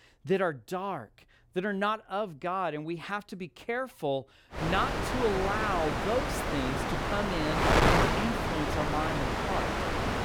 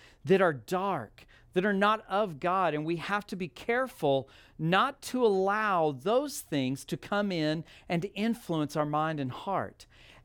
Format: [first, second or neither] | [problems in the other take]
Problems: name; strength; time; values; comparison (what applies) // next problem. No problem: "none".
second | wind noise on the microphone; heavy; from 4.5 s on; 3 dB above the speech